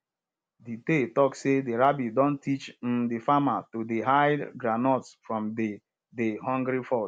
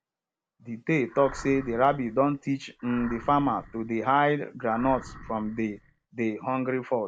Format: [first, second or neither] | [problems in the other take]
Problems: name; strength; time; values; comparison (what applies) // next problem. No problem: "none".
first | background sound (Animal); 17 dB below the speech